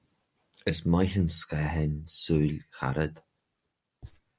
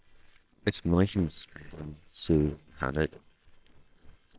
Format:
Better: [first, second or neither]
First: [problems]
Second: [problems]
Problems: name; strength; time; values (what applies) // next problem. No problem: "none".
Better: first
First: none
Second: noise reduction (neural separator model SepFormer WHAMR!)